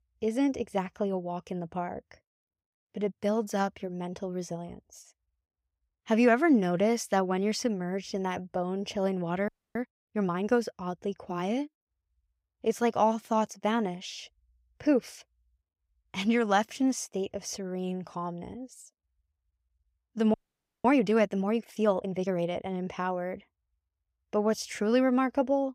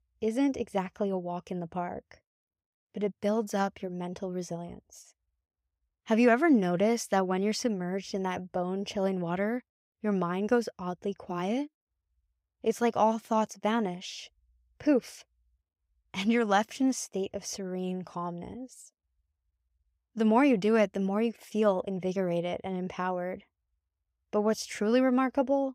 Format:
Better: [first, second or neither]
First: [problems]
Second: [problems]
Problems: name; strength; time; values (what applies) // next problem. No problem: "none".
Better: second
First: audio freezing; at 9.5 s and at 20 s for 0.5 s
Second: none